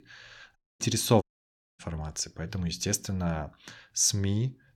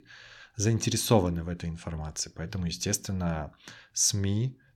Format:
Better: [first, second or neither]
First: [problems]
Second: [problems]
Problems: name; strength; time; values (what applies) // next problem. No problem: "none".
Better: second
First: audio cutting out; at 0.5 s and at 1 s for 0.5 s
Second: none